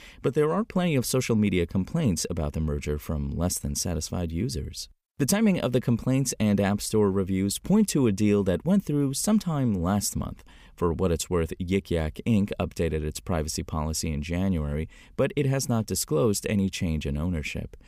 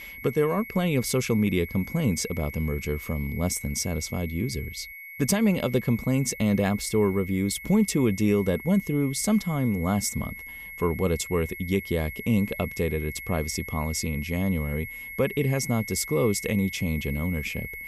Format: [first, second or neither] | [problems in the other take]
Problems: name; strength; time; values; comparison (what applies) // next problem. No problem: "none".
first | high-pitched whine; noticeable; throughout; 2 kHz, 10 dB below the speech